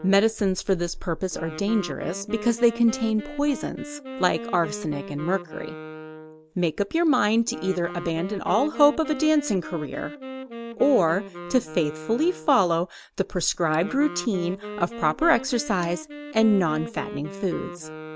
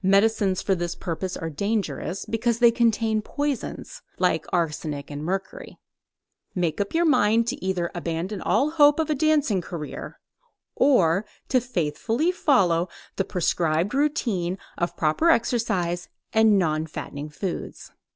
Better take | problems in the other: second | background sound (Wind instrument, woodwind instrument); 13 dB below the speech

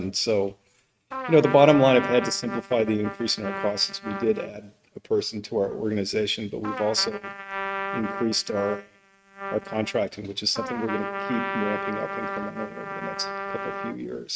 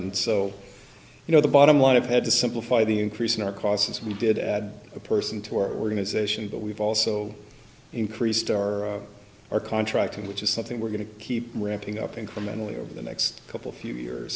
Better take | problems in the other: second | noise reduction (neural mask model RNNoise)

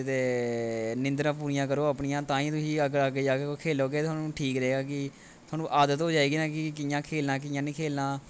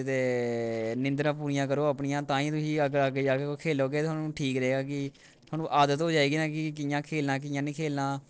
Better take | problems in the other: first | noise reduction (neural separator model SepFormer DNS4)

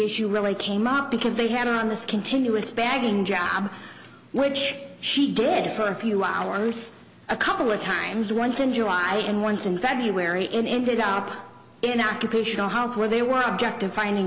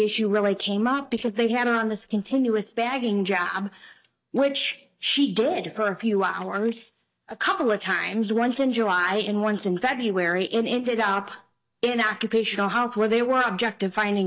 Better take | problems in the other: first | noise reduction (neural mask model DeepFilterNet 3)

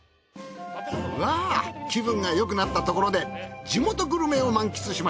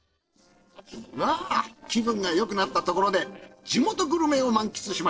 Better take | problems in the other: first | noise reduction (neural separator model SepFormer DNS4)

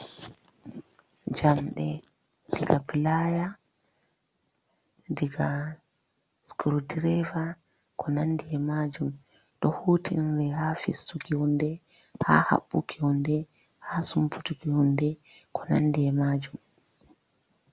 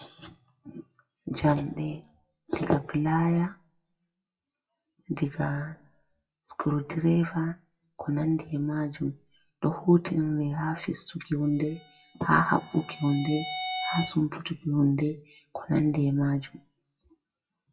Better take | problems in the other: first | noise reduction (classical method WPE with log-MMSE)

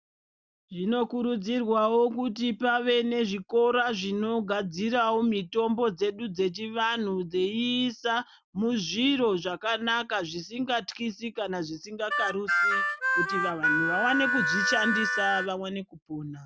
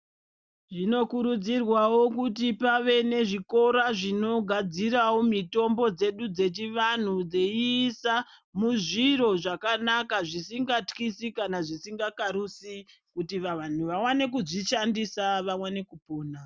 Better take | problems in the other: second | background sound (Harmonica); 1 dB above the speech

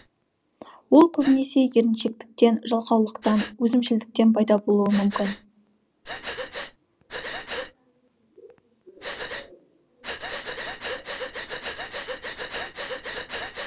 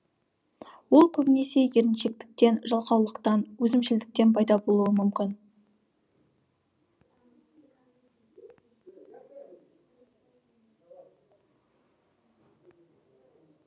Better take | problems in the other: second | background sound (Breathing); 13 dB below the speech

